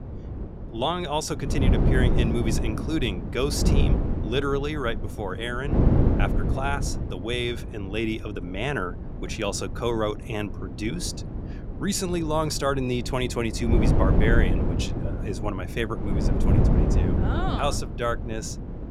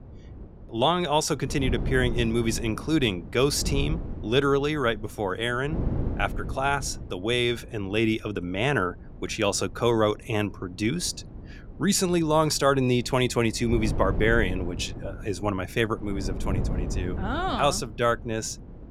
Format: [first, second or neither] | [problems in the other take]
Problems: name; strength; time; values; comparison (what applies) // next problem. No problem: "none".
second | wind noise on the microphone; heavy; 5 dB below the speech; occasional gusts in the second